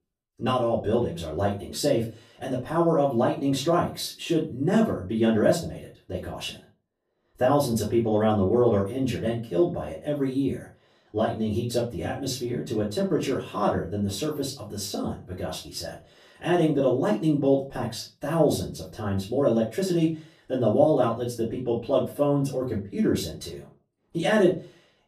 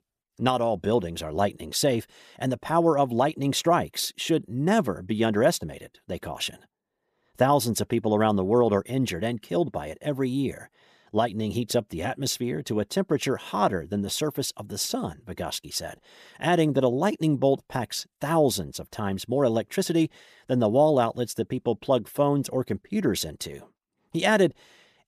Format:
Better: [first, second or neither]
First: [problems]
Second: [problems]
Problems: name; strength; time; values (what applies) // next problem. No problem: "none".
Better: second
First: off-mic speech; far // room echo; slight; dies away in 0.3 s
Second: none